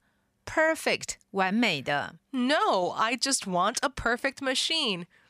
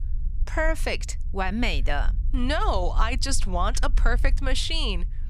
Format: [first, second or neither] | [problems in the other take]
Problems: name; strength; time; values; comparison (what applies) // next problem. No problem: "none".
first | low rumble; faint; throughout; 25 dB below the speech